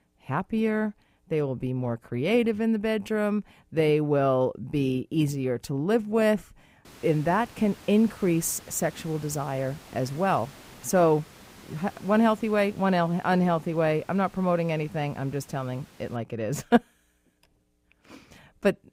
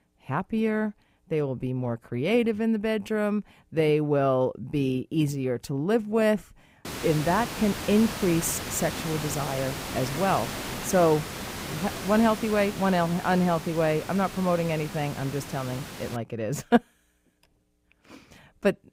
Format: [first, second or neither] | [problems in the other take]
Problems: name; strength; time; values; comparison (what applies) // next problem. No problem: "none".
first | hiss; loud; from 7 to 16 s; 8 dB below the speech; faint in the first